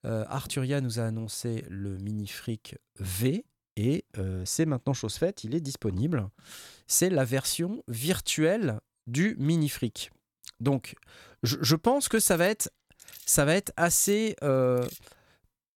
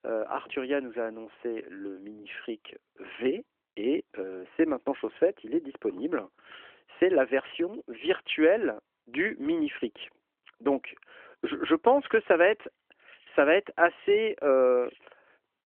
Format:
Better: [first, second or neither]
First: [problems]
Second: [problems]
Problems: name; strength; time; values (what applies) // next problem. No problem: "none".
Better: first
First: none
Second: phone-call audio; nothing above 3 kHz